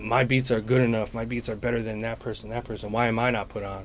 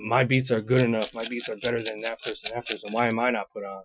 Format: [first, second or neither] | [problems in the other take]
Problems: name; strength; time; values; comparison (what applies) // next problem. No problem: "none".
first | noise reduction (classical method Wiener filter)